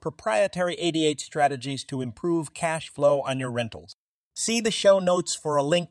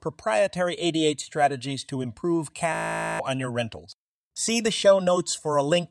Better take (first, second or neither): first